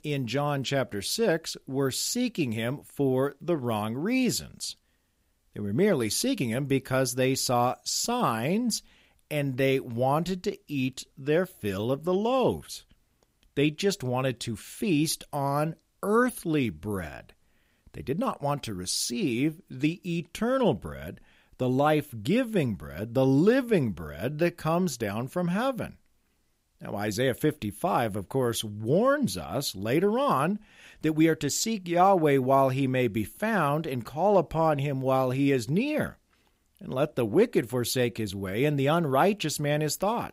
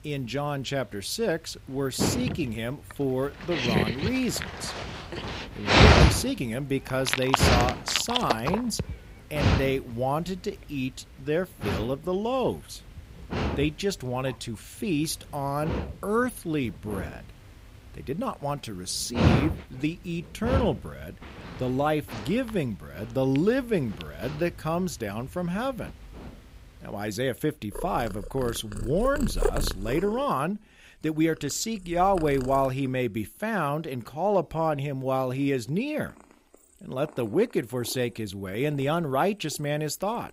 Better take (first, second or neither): first